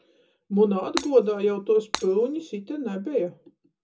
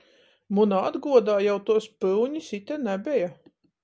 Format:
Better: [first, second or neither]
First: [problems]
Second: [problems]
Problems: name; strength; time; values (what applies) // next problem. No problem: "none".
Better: second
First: background sound (Shatter); 12 dB below the speech // room echo; dies away in 0.2 s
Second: none